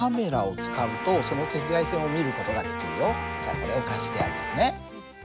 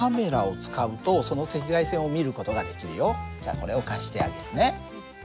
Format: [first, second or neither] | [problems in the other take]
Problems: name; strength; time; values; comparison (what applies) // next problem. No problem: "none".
second | background sound (Guitar); 5 dB below the speech